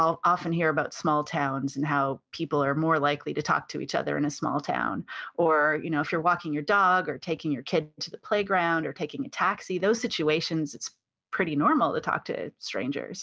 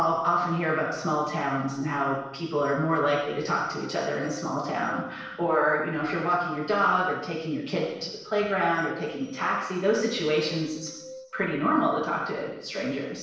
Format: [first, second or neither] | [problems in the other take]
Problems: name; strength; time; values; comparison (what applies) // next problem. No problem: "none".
first | noise reduction (neural separator model SepFormer DNS4)